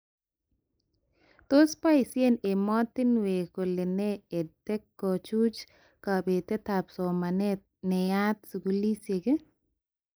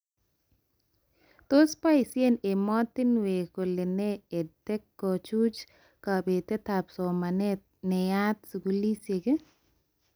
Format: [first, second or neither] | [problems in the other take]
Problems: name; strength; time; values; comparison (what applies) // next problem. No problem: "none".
second | noise reduction (neural mask model Resemble Enhance denoiser)